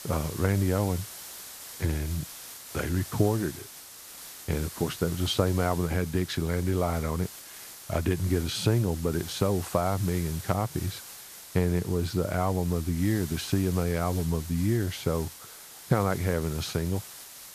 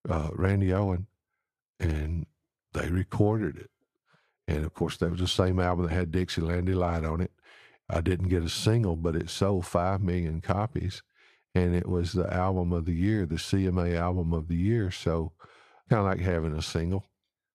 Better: second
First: hiss; noticeable; throughout; 10 dB below the speech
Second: none

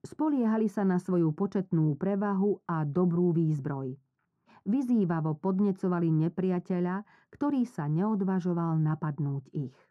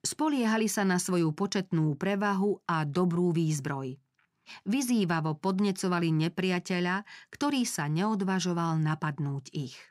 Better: second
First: muffled; very; fading above 1.5 kHz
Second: none

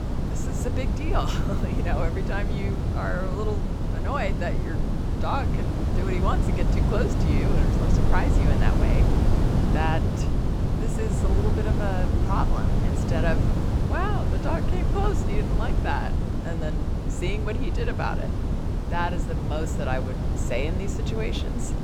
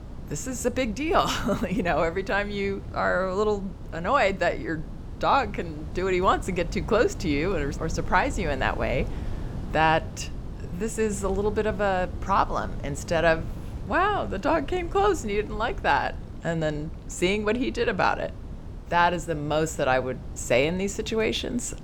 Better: second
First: wind noise on the microphone; heavy; 2 dB below the speech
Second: wind noise on the microphone; occasional gusts; 20 dB below the speech

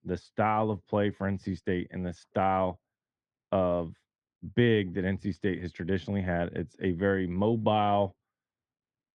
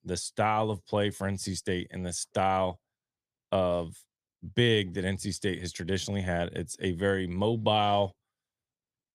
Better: second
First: muffled; very; fading above 2 kHz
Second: none

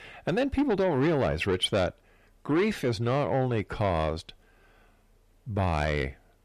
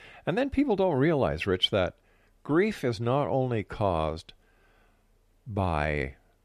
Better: second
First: distortion; slight; 10 dB below the speech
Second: none

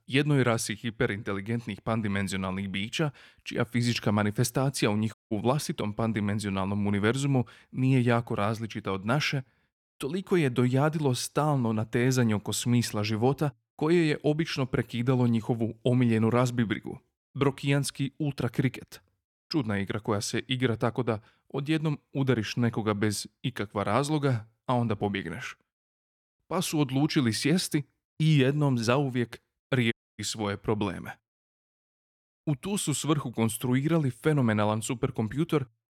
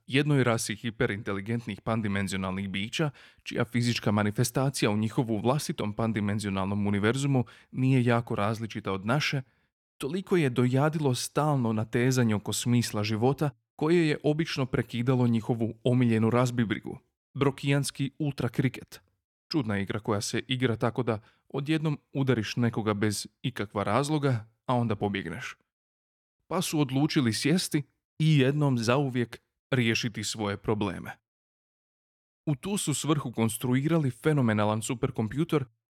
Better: second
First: audio cutting out; at 5 s and at 30 s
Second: none

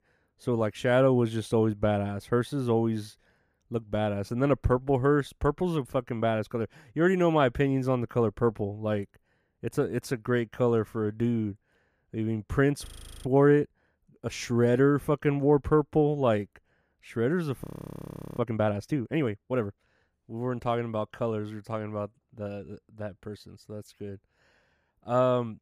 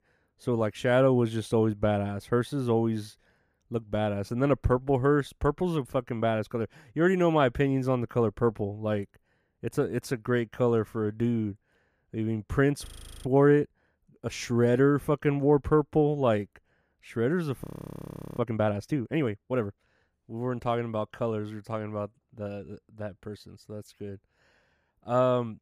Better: neither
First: audio freezing; at 13 s and at 18 s for 0.5 s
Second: audio freezing; at 13 s and at 18 s for 0.5 s

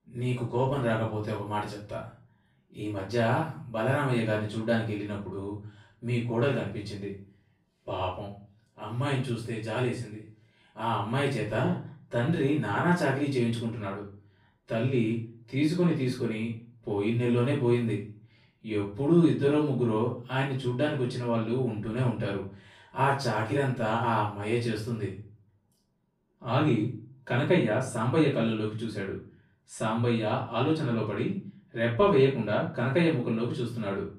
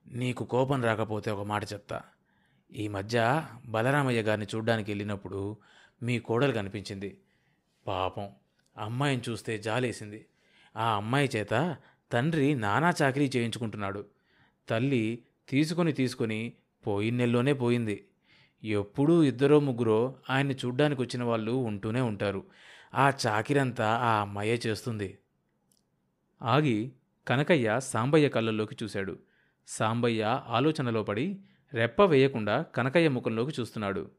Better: second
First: off-mic speech; far // room echo; slight; dies away in 0.4 s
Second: none

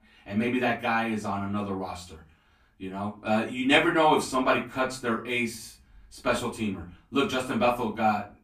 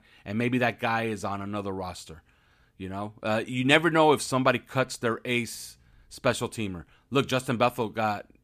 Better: second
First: off-mic speech; far // room echo; very slight; dies away in 0.3 s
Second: none

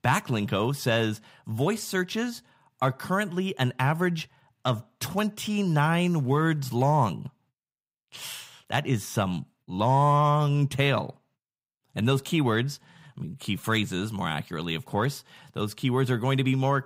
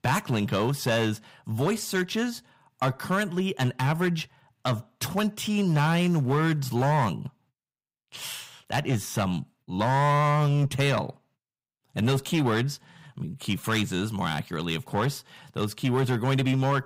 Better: first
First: none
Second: distortion; slight; 7% of the sound clipped

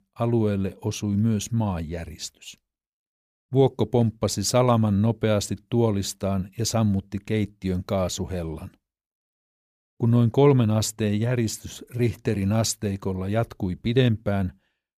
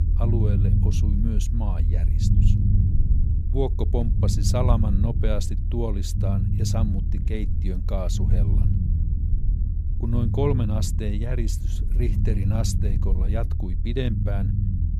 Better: first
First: none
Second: low rumble; loud; throughout; 5 dB below the speech

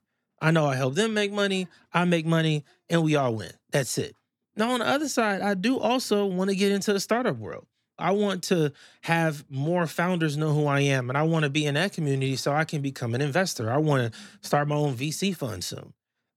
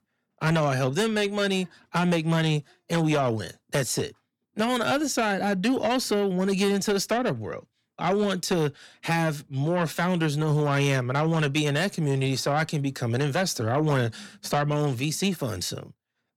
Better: first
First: none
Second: distortion; slight; 10 dB below the speech

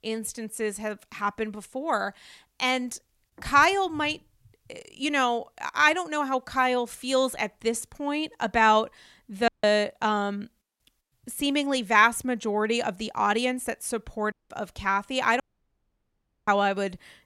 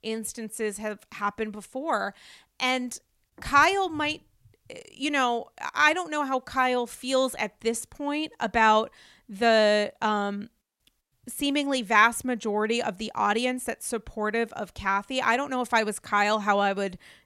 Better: second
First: audio cutting out; at 9.5 s, at 14 s and at 15 s for 1 s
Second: none

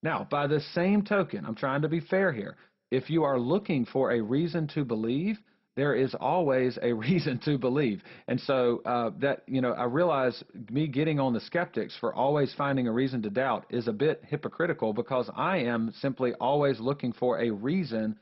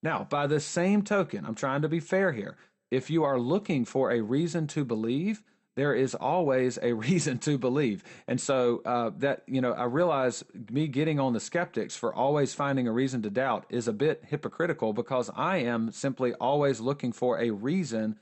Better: second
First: garbled, watery; badly; nothing above 5.5 kHz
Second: garbled, watery; slightly; nothing above 8 kHz

